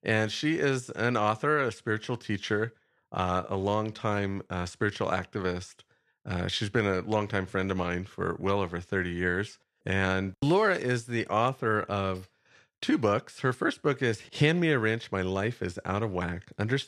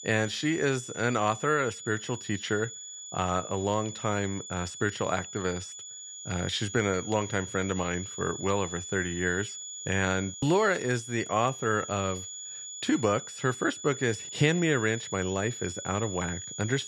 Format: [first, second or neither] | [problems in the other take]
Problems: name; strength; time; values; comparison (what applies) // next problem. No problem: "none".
first | high-pitched whine; loud; throughout; 7 kHz, 9 dB below the speech